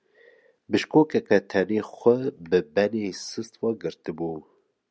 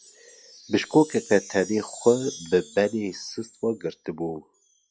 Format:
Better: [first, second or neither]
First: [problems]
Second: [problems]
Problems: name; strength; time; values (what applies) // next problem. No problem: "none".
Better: first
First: none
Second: noise reduction (classical method log-MMSE)